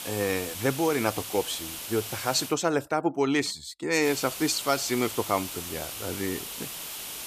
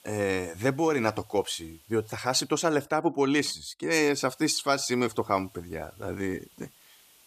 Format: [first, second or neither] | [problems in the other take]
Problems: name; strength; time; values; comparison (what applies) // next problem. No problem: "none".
second | hiss; loud; until 2.5 s and from 4 s on; 7 dB below the speech; faint in the second